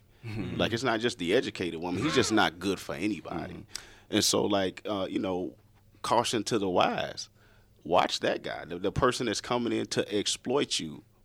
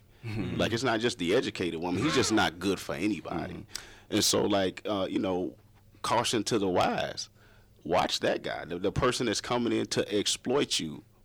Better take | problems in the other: first | distortion; slight; 10 dB below the speech

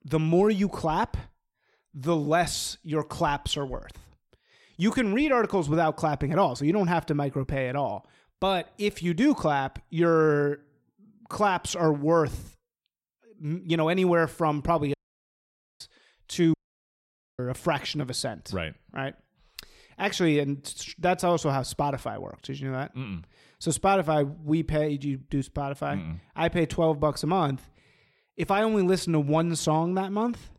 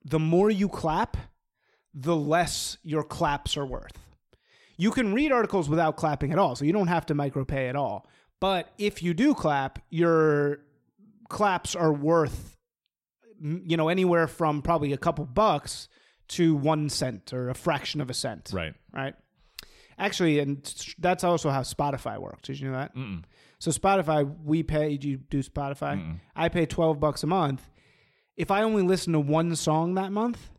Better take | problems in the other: second | audio cutting out; at 15 s for 1 s and at 17 s for 1 s

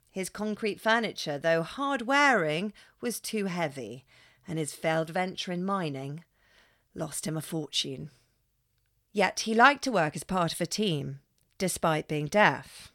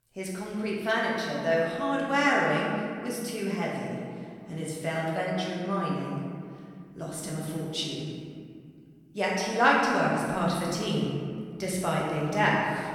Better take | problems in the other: first | room echo; noticeable; dies away in 2.1 s // off-mic speech; far

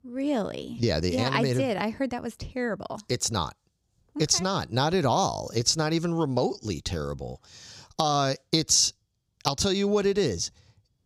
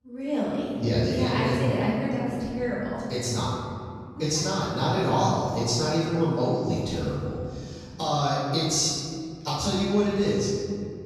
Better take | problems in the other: first | off-mic speech; far // room echo; strong; dies away in 2.3 s

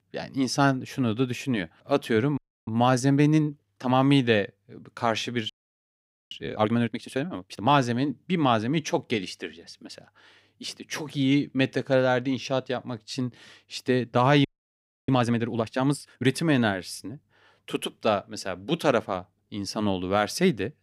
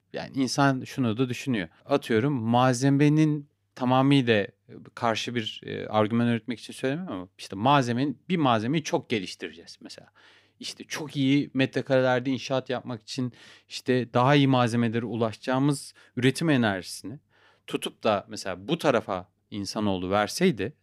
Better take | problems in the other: second | audio freezing; at 2.5 s, at 5.5 s for 1 s and at 14 s for 0.5 s

